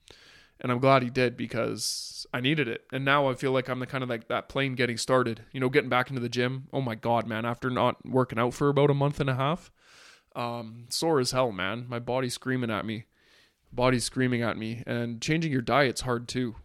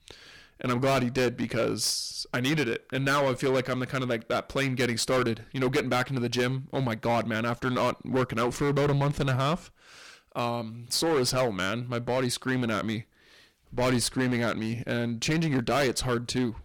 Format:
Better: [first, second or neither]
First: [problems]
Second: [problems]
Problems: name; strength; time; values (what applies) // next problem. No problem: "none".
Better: first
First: none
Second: distortion; heavy; 12% of the sound clipped